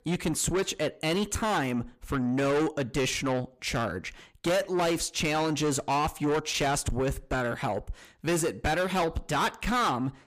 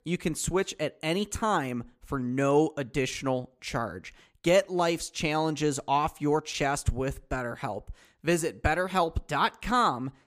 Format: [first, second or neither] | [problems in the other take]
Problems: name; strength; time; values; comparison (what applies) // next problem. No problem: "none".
second | distortion; heavy; 6 dB below the speech